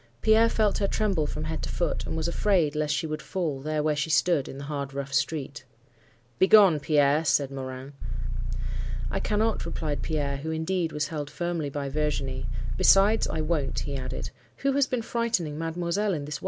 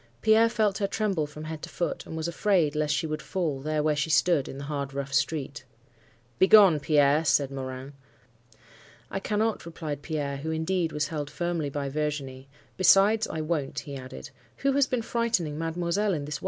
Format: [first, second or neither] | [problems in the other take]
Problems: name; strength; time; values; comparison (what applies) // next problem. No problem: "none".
second | background sound (Idling / Car); 3 dB above the speech